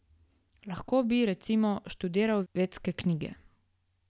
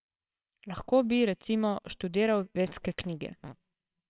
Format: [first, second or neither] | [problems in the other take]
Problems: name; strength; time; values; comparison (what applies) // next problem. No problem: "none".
first | noise reduction (neural separator model SepFormer WHAMR!)